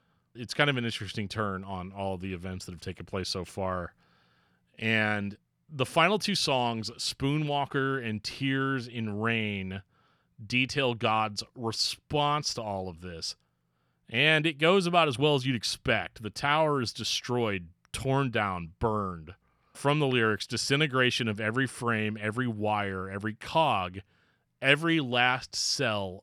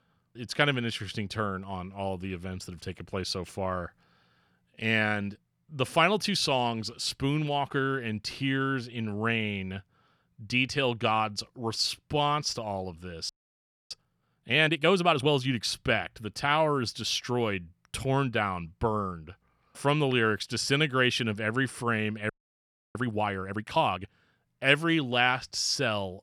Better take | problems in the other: first | audio freezing; at 13 s for 0.5 s and at 22 s for 0.5 s

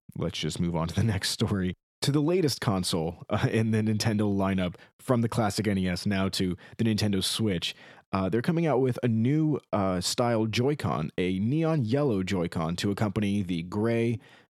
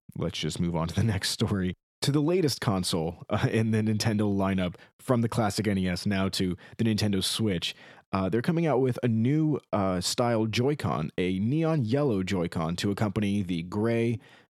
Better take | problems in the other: neither | none

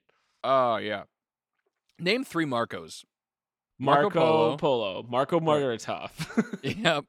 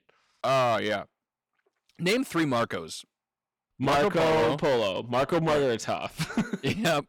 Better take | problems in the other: first | distortion; heavy; 11% of the sound clipped

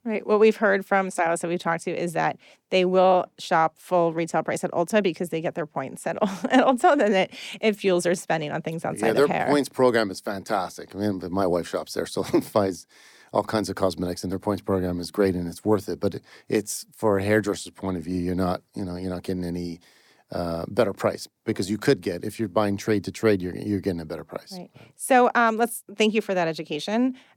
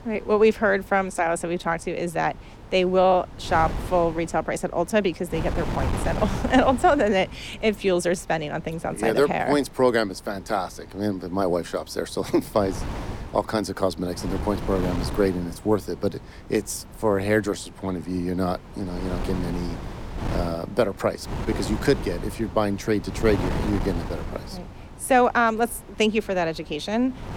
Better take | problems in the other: first | wind noise on the microphone; occasional gusts; 15 dB below the speech

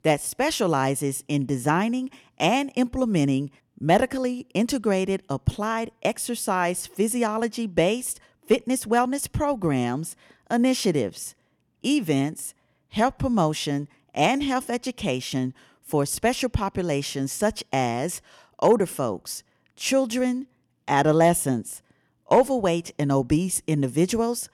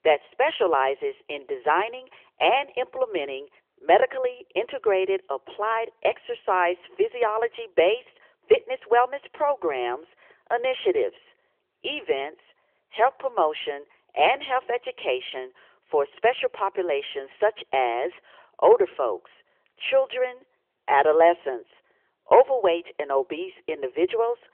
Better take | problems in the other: first | phone-call audio; nothing above 3.5 kHz

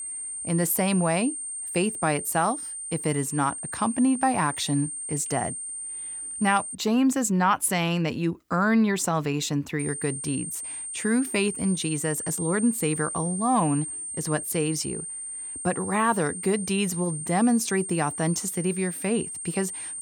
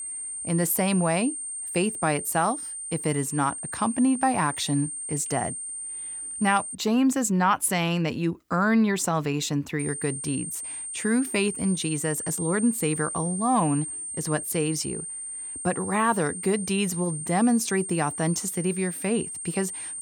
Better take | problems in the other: neither | high-pitched whine; loud; until 7 s and from 10 s on; 8.5 kHz, 6 dB below the speech; the same in both

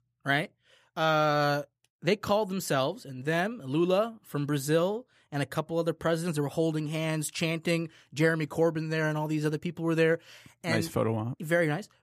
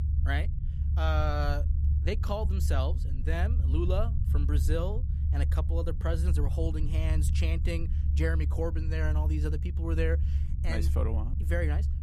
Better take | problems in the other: first | low rumble; loud; throughout; 9 dB below the speech

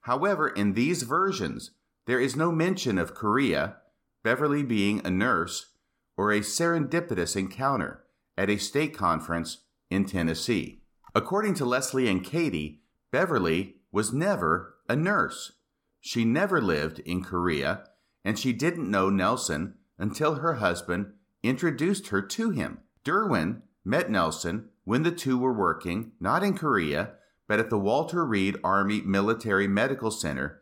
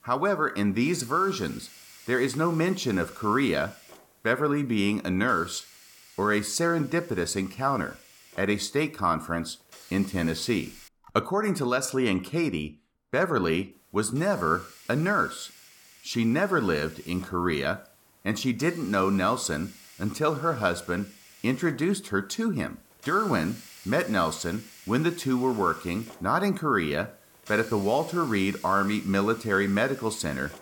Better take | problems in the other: first | hiss; faint; until 11 s and from 14 s on; 20 dB below the speech

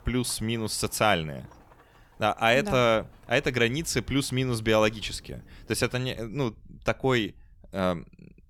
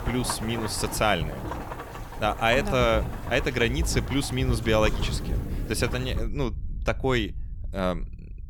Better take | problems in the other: first | rain or running water; loud; throughout; 7 dB below the speech; faint in the first

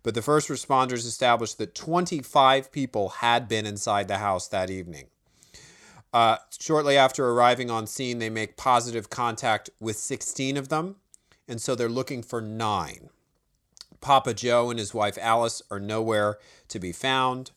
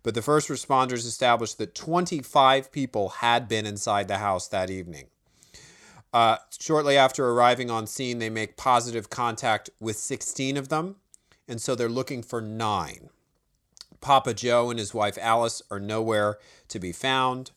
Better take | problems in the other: neither | none

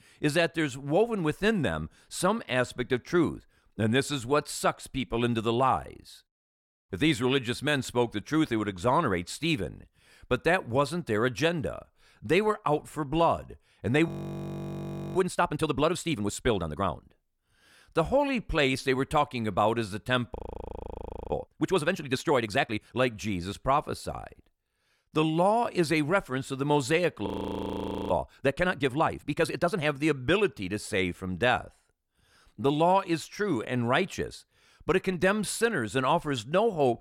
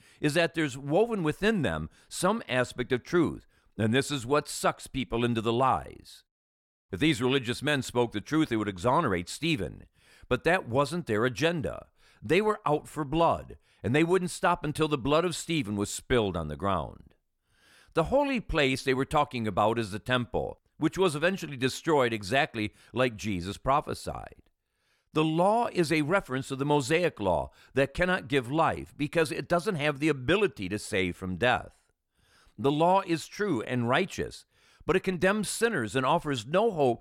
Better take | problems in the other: second | audio freezing; at 14 s for 1 s, at 20 s for 1 s and at 27 s for 1 s

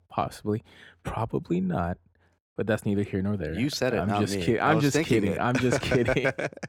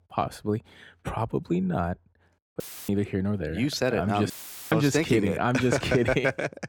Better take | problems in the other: first | audio cutting out; filled with static; at 2.5 s and at 4.5 s

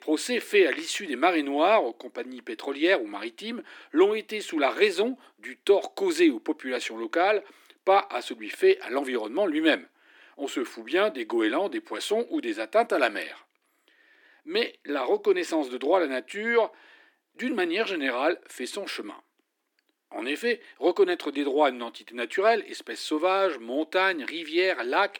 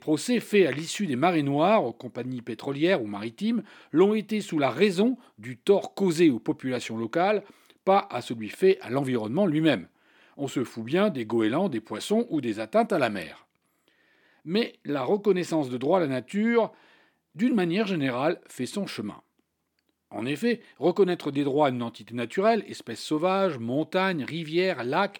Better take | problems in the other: second | thin; somewhat; fading below 300 Hz

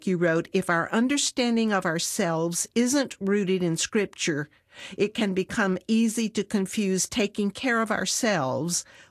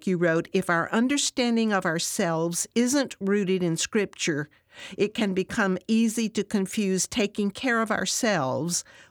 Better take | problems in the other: second | garbled, watery; slightly; nothing above 12.5 kHz

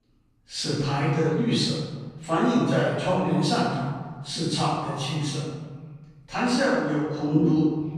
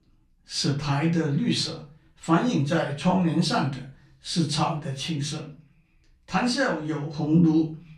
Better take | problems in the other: second | room echo; strong; dies away in 1.5 s; slight in the second // off-mic speech; far; far in the second

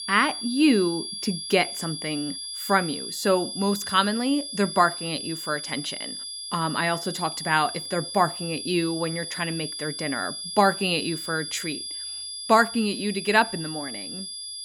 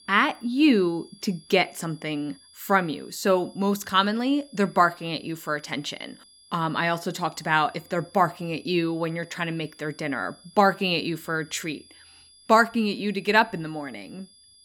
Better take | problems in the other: second | high-pitched whine; loud; throughout; 5 kHz, 7 dB below the speech; faint in the second

